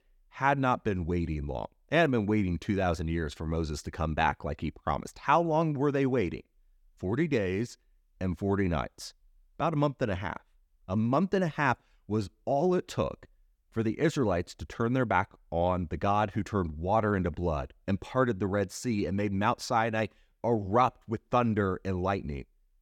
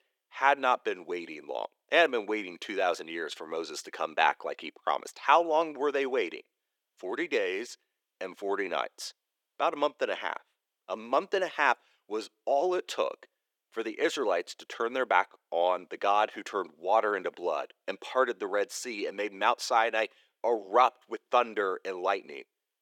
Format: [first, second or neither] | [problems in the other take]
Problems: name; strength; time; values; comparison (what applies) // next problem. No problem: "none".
first | thin; very; fading below 400 Hz